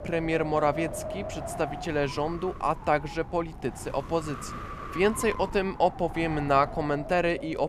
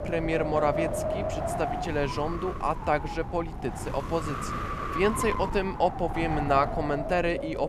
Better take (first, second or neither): first